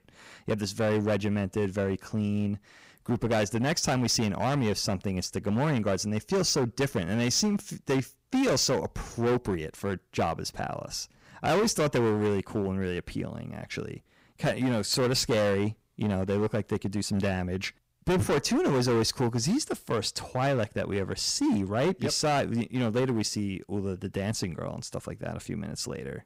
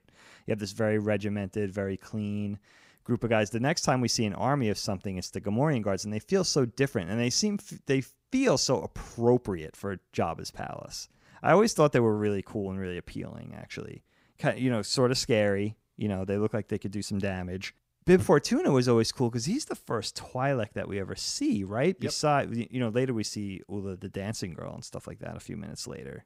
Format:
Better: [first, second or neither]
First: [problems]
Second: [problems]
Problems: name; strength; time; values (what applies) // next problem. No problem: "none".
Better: second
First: distortion; heavy; 12% of the sound clipped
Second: none